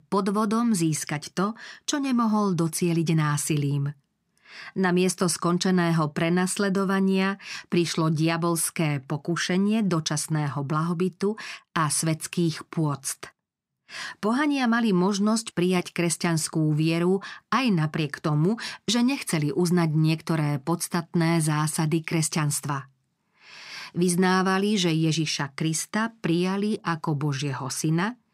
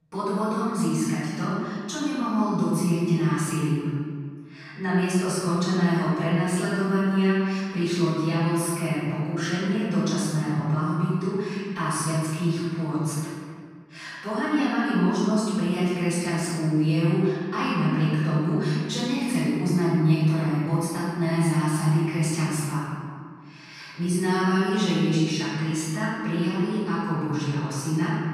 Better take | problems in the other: first | room echo; strong; dies away in 1.8 s // off-mic speech; far

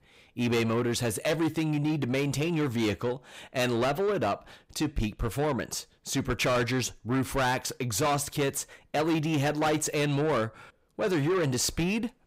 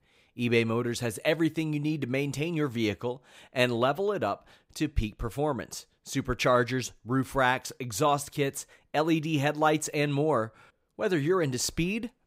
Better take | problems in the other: second | distortion; heavy; 8 dB below the speech

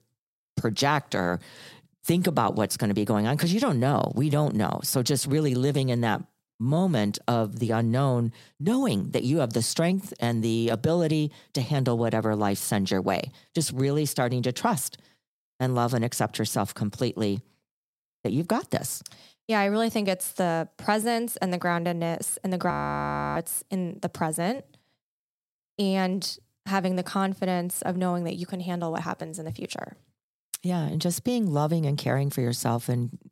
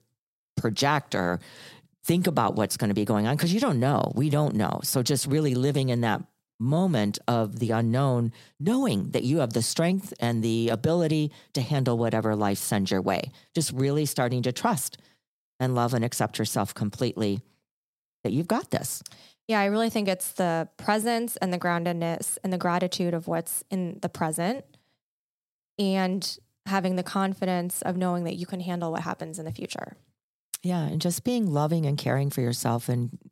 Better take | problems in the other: second | audio freezing; at 23 s for 0.5 s

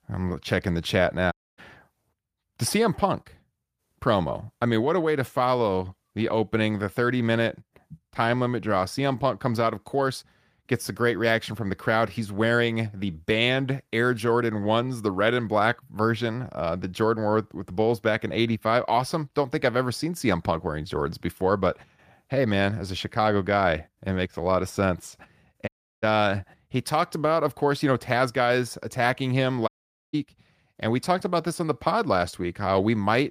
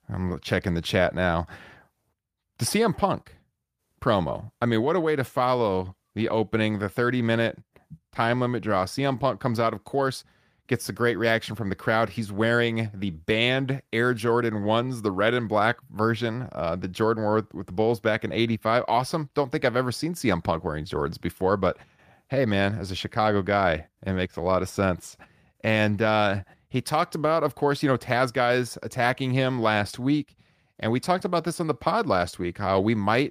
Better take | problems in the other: second | audio cutting out; at 1.5 s, at 26 s and at 30 s

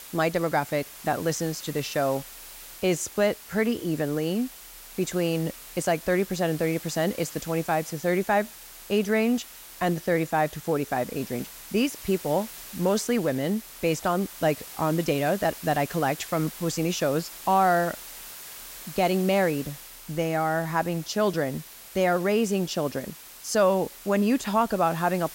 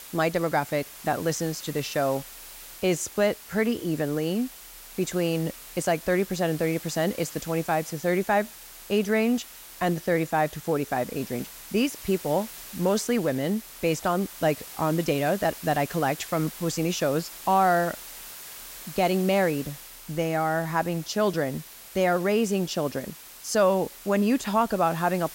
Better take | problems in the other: neither | hiss; noticeable; throughout; 15 dB below the speech; the same in both

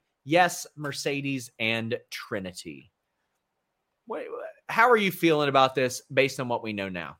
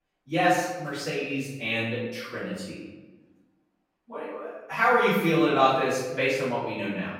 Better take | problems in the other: first | room echo; strong; dies away in 0.9 s // off-mic speech; far

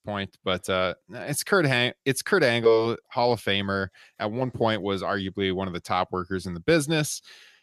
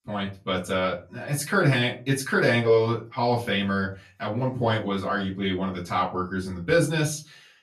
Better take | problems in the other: first | off-mic speech; far // room echo; very slight; dies away in 0.2 s

